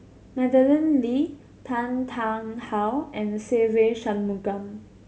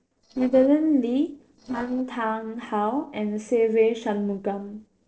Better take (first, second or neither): first